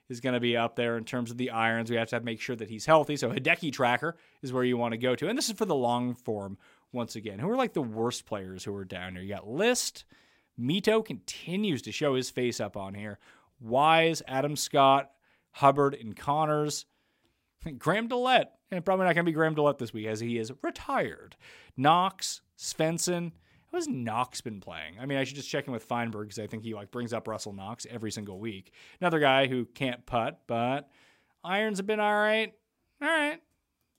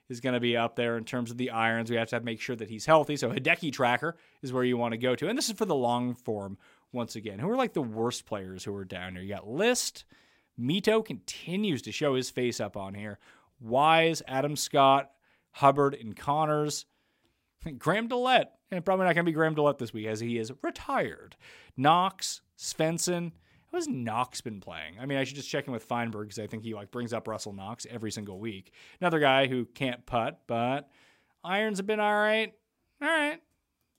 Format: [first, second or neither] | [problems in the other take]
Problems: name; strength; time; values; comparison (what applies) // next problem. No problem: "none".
neither | none